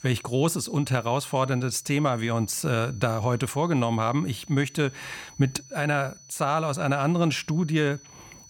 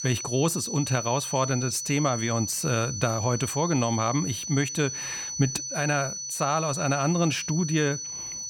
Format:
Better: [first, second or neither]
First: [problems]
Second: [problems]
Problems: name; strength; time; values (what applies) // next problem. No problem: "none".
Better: first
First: high-pitched whine; faint; throughout; 6 kHz, 20 dB below the speech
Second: high-pitched whine; loud; throughout; 6 kHz, 5 dB below the speech